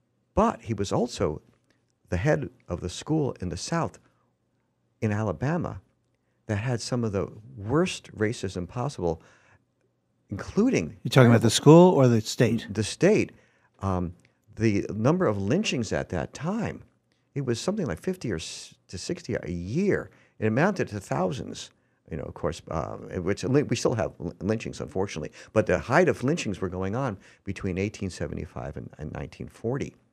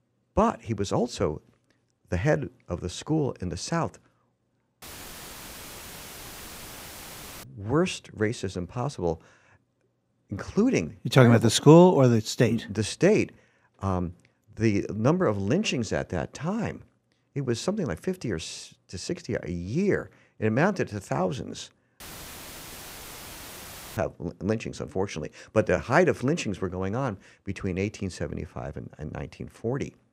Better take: first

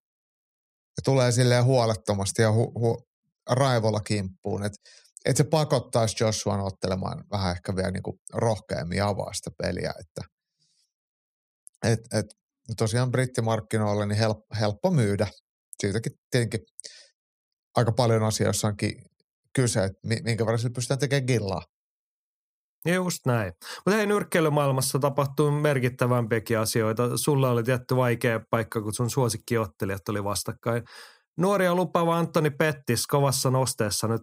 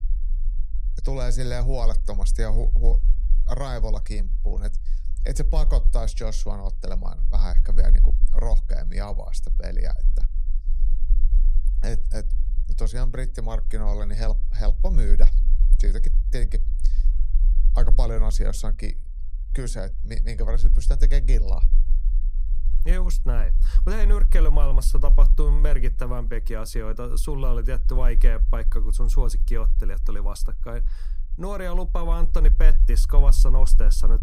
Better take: first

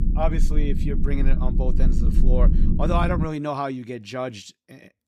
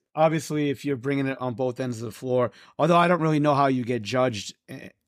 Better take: second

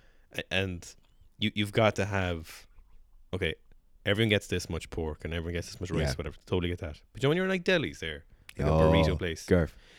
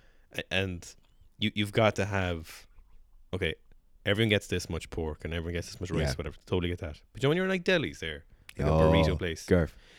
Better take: neither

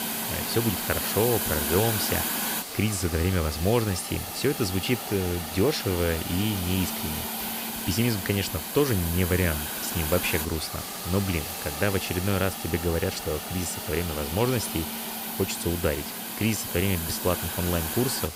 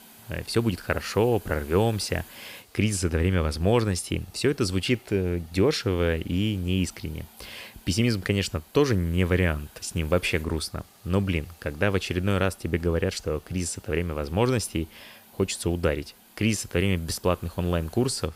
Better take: second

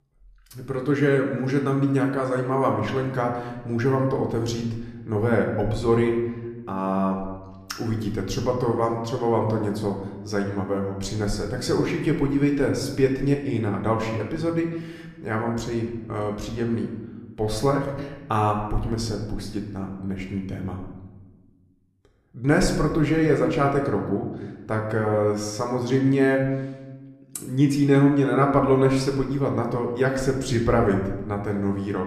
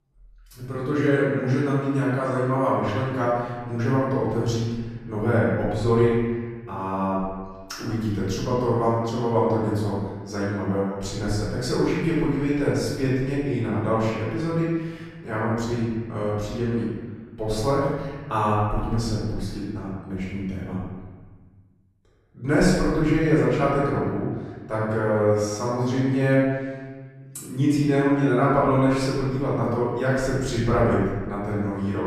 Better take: first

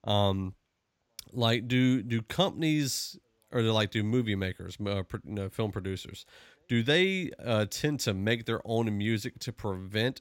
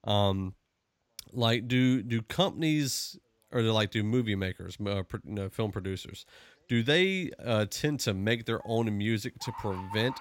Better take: first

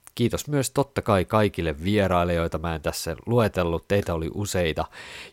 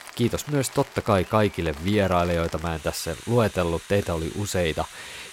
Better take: first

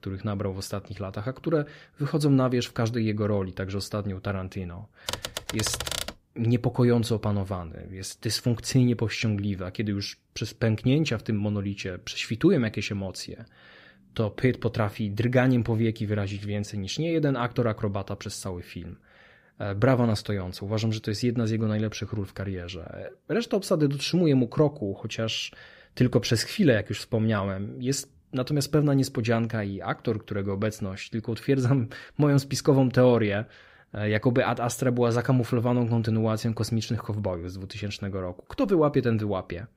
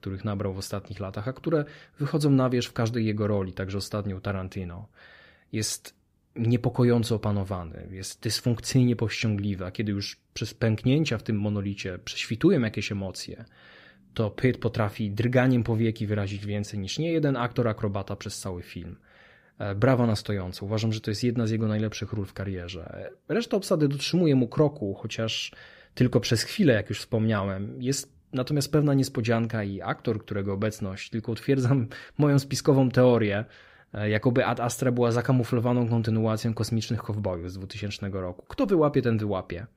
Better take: second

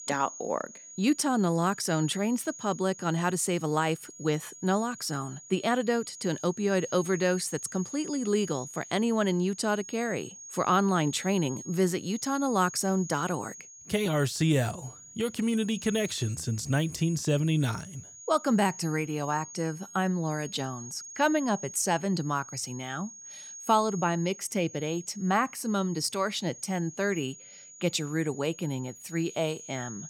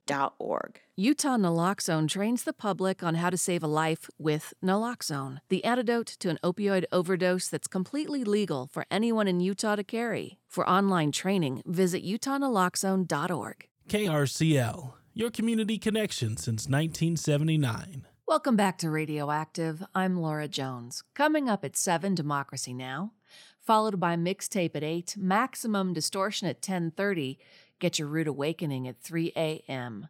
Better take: second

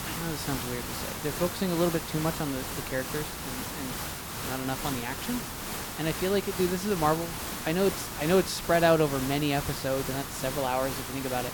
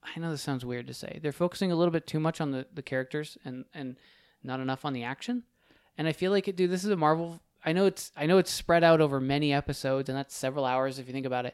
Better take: second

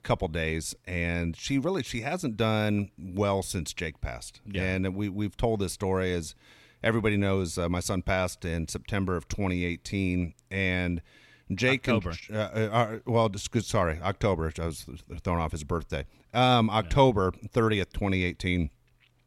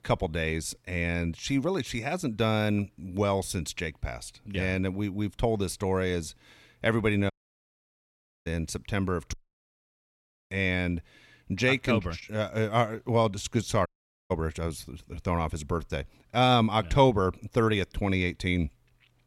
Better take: first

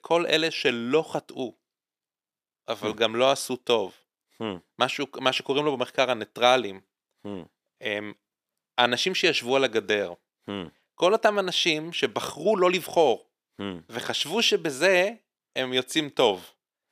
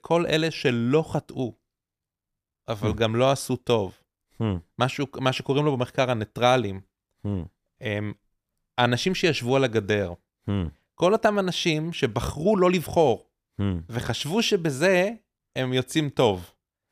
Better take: second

